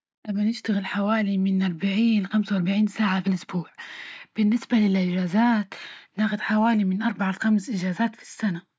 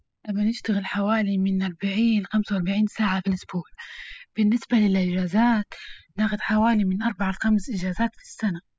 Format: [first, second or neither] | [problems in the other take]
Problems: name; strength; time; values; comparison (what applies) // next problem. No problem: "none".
first | noise reduction (classical method spectral subtraction)